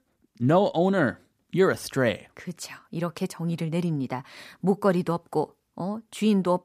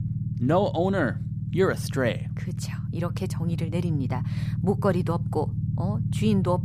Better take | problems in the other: first | low rumble; noticeable; throughout; 10 dB below the speech

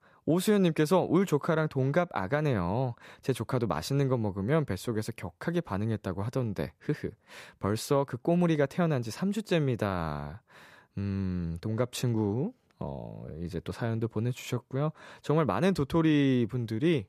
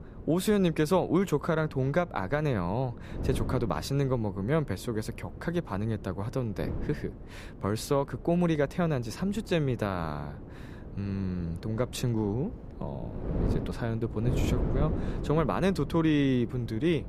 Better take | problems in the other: first | wind noise on the microphone; occasional gusts; 15 dB below the speech

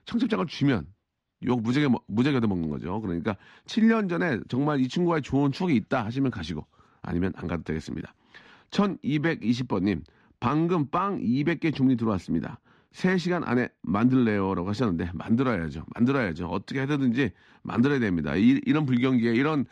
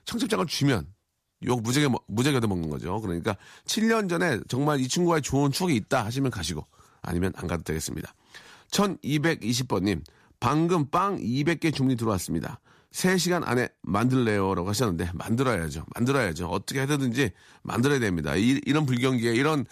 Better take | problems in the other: second | muffled; slightly; fading above 3 kHz

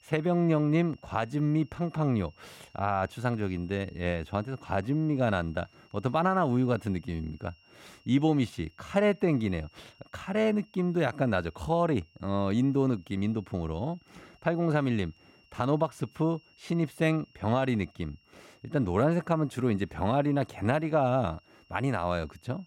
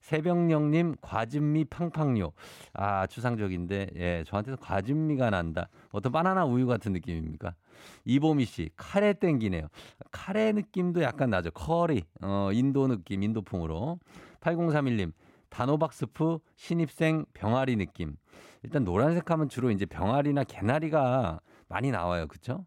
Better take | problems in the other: second | high-pitched whine; faint; throughout; 3 kHz, 30 dB below the speech

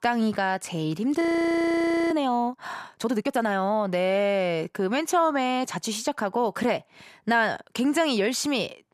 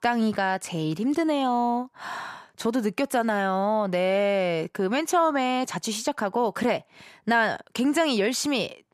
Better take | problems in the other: second | audio freezing; at 1 s for 1 s

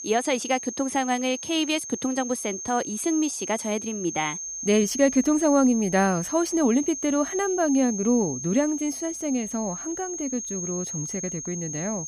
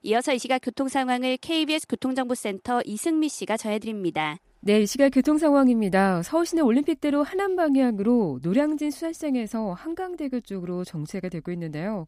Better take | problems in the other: second | high-pitched whine; loud; throughout; 6.5 kHz, 7 dB below the speech

